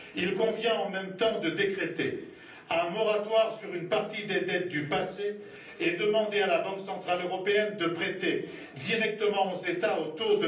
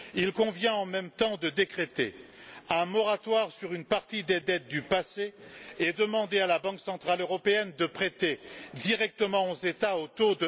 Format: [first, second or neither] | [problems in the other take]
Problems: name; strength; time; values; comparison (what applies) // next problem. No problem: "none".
second | room echo; dies away in 0.6 s